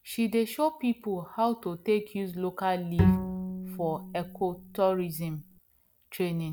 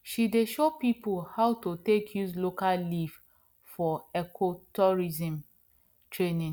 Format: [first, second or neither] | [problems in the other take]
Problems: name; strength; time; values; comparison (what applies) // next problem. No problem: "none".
second | background sound (Bowed string instrument); as loud as the speech